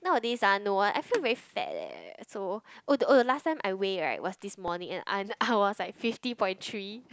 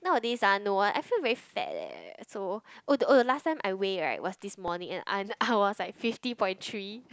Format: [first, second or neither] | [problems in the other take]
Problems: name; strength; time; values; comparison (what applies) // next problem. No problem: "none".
second | background sound (Telephone); 17 dB below the speech